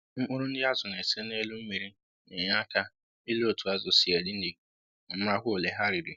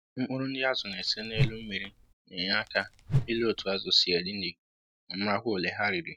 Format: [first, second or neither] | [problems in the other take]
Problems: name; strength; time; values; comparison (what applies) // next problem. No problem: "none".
first | background sound (Whoosh, swoosh, swish); 3 dB below the speech